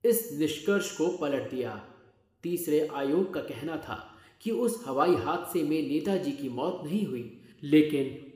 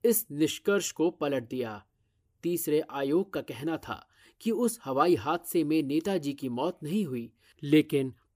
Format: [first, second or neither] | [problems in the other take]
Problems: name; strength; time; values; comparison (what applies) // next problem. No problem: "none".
second | room echo; slight; dies away in 0.9 s